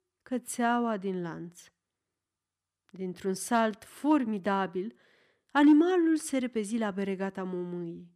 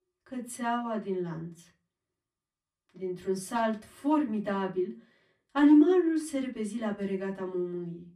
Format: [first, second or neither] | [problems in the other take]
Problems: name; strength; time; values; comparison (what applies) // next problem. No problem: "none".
first | off-mic speech; far // room echo; very slight; dies away in 0.3 s